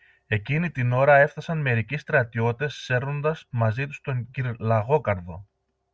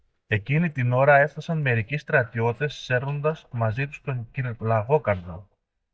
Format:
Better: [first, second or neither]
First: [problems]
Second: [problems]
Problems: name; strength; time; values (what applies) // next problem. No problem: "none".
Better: first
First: none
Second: noise reduction (neural mask model DeepFilterNet 3)